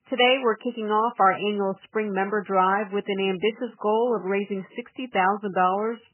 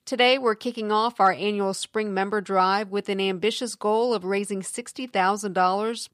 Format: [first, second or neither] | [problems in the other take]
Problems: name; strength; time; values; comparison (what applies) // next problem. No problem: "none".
second | garbled, watery; badly; nothing above 3 kHz